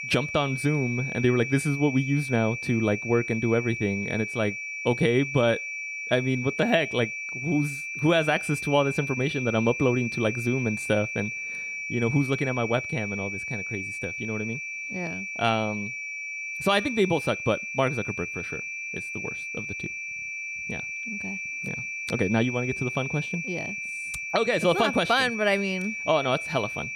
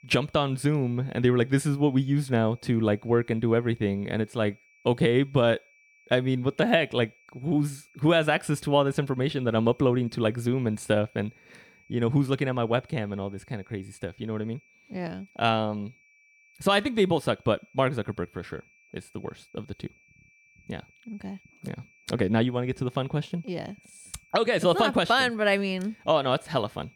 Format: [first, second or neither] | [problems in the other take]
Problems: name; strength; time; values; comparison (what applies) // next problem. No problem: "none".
second | high-pitched whine; loud; throughout; 2.5 kHz, 5 dB below the speech; faint in the second